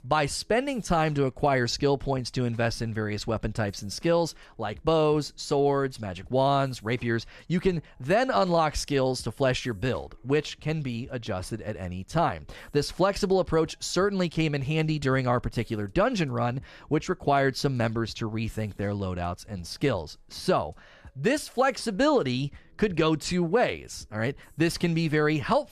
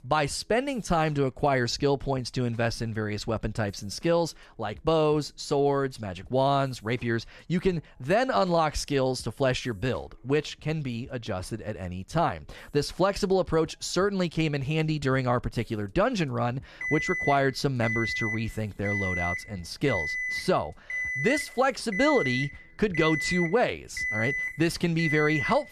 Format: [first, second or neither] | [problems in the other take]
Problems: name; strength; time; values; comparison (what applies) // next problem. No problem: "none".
first | alarm; loud; from 17 s on; peak level with the speech